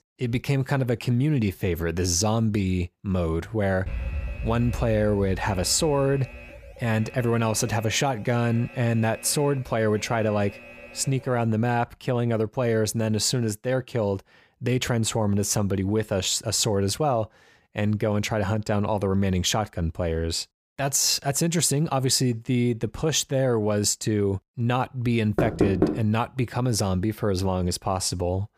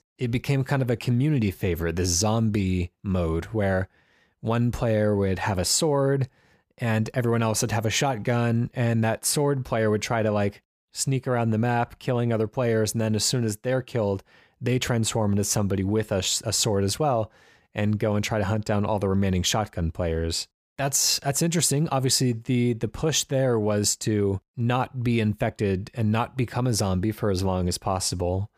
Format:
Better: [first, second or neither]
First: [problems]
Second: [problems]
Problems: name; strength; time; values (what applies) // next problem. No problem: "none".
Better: second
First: alarm; noticeable; from 4 to 11 s; peak 7 dB below the speech // door banging; loud; at 25 s; peak 1 dB above the speech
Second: none